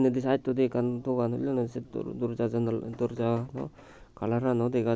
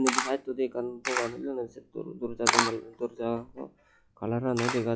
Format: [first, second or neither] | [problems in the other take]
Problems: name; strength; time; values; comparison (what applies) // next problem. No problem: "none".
first | noise reduction (classical method log-MMSE)